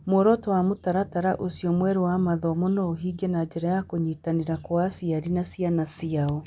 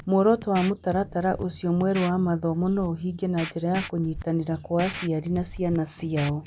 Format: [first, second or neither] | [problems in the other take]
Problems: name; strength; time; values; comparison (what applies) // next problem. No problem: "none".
first | background sound (Scratching (performance technique)); 15 dB below the speech